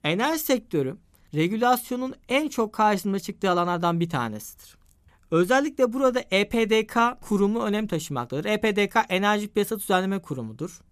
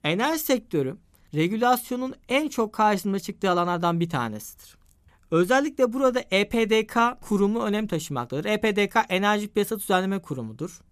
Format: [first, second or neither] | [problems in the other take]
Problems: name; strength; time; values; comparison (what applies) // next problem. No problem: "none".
neither | none